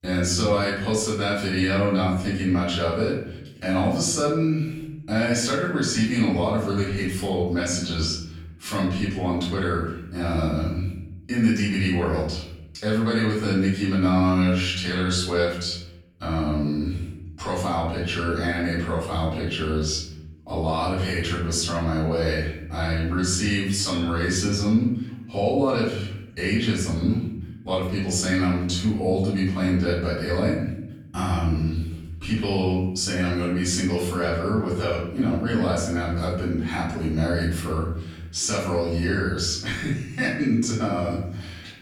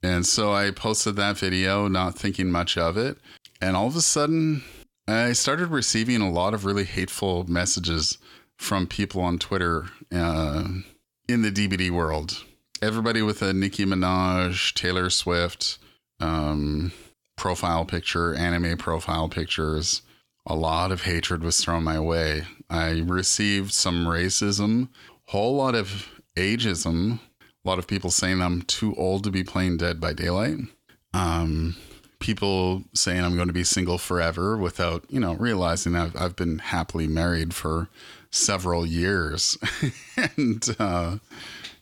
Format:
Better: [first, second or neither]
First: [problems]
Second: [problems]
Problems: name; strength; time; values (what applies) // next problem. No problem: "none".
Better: second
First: off-mic speech; far // room echo; noticeable; dies away in 0.8 s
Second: none